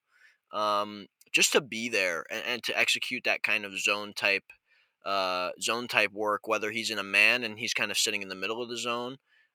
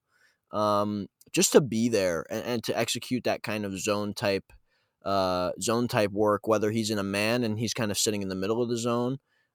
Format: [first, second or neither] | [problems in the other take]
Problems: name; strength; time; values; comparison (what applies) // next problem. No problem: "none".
second | thin; somewhat; fading below 1 kHz